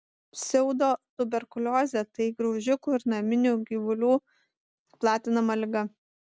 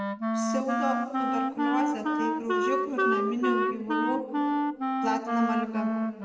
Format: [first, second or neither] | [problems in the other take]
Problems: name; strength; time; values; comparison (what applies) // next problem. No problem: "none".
first | background sound (Wind instrument, woodwind instrument); 5 dB above the speech // room echo; dies away in 2.3 s